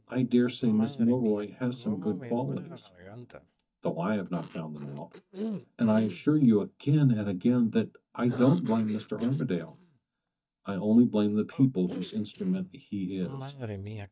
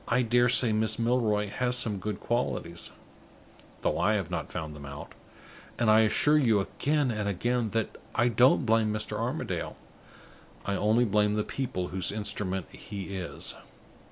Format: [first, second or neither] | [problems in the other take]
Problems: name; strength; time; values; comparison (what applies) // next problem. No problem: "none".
second | noise reduction (neural mask model DeepFilterNet 3)